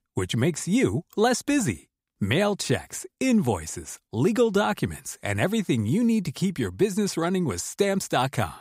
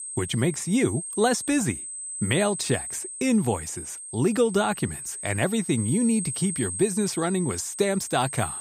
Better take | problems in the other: first | high-pitched whine; loud; throughout; 8 kHz, 7 dB below the speech

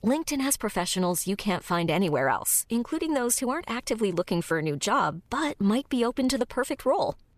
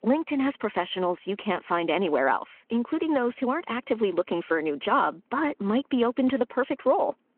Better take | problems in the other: first | phone-call audio

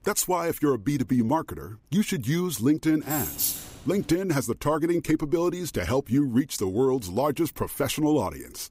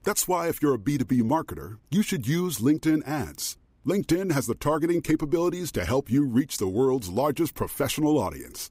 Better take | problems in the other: second | jangling keys; noticeable; at 3 s; peak 1 dB below the speech

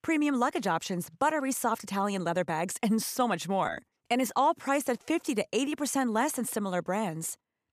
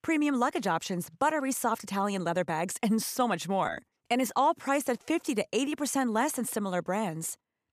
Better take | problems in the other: neither | none

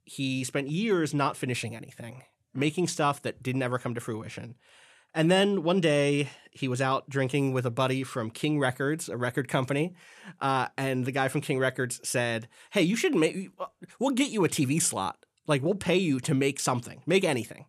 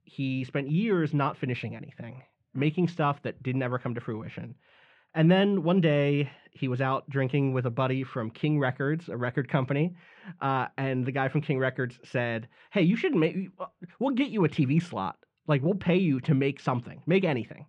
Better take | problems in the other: first | muffled; very; fading above 3 kHz

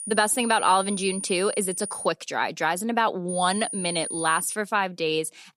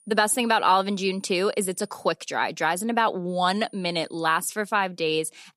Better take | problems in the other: second | high-pitched whine; loud; until 2 s and from 3.5 to 4.5 s; 9.5 kHz, 7 dB below the speech; faint in the second

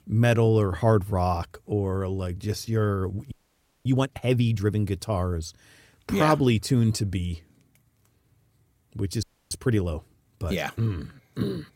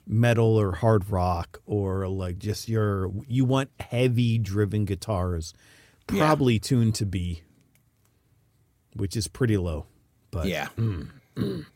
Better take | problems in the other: second | audio freezing; at 3.5 s for 0.5 s and at 9 s

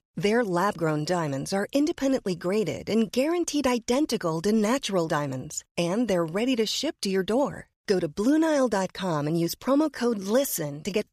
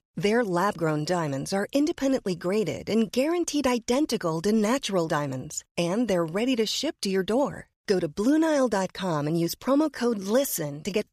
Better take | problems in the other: neither | none

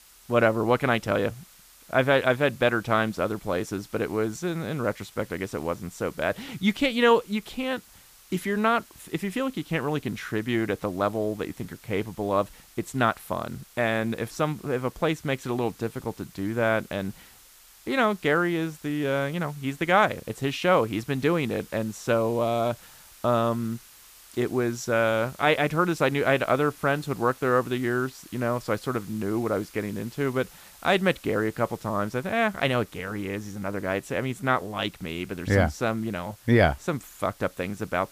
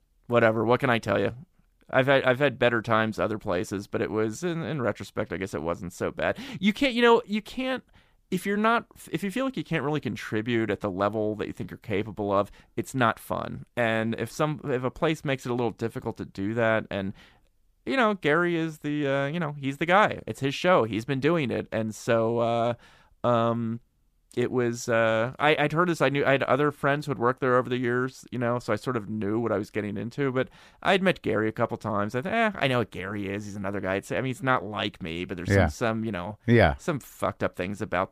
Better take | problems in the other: second | hiss; faint; throughout; 25 dB below the speech

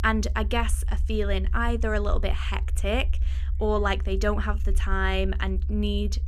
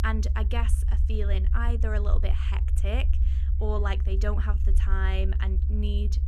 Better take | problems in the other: first | low rumble; loud; throughout; 10 dB below the speech; faint in the first

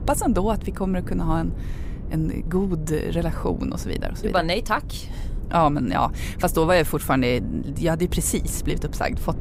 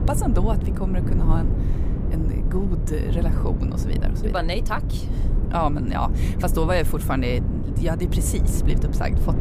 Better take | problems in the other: first | low rumble; loud; throughout; 8 dB below the speech; faint in the first

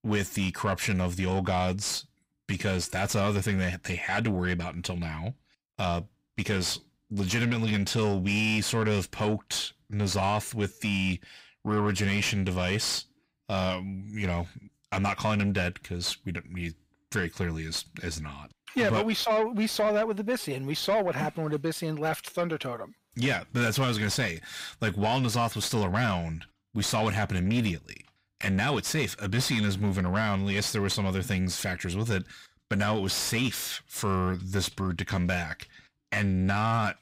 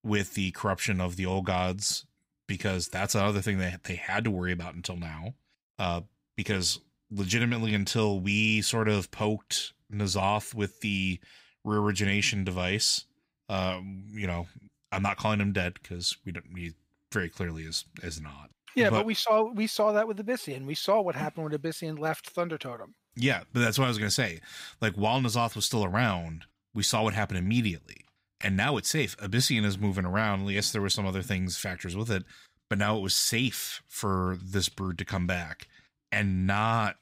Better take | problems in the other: second | distortion; slight; 10 dB below the speech

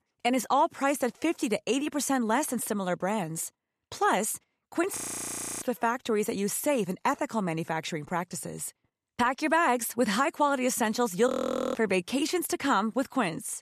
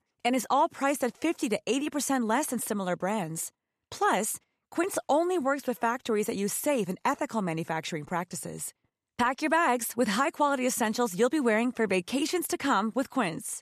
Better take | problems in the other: second | audio freezing; at 5 s for 0.5 s and at 11 s

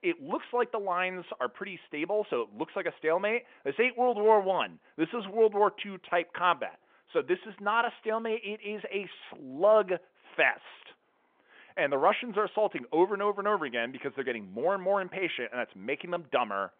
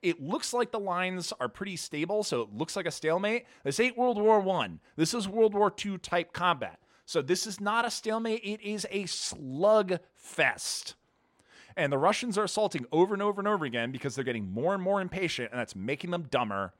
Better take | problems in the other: second | phone-call audio; nothing above 3.5 kHz

